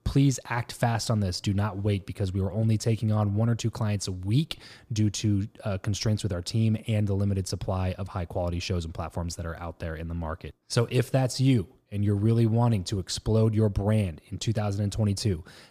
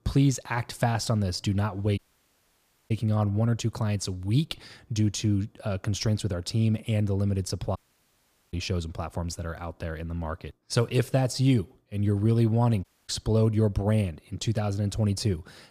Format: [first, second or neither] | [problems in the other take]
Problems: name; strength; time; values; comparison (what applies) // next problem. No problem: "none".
first | audio cutting out; at 2 s for 1 s, at 8 s for 1 s and at 13 s